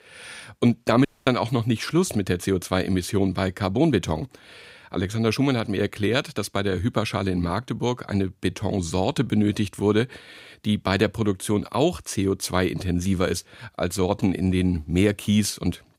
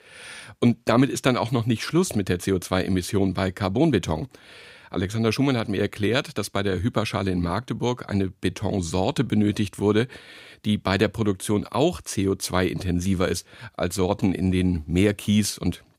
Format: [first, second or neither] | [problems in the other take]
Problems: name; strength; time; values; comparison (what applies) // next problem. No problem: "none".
second | audio cutting out; at 1 s